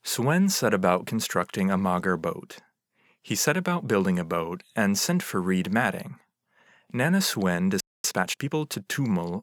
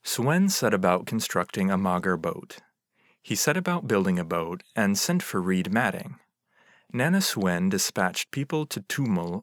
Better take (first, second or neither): second